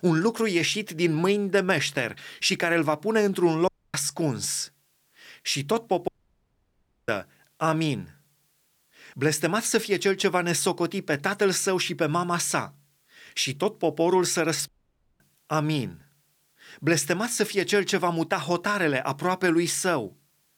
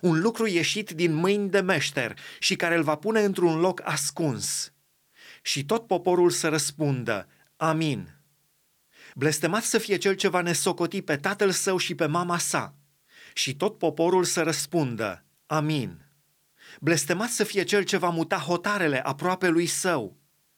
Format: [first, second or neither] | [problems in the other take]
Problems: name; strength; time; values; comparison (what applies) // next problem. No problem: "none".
second | audio cutting out; at 3.5 s, at 6 s for 1 s and at 15 s for 0.5 s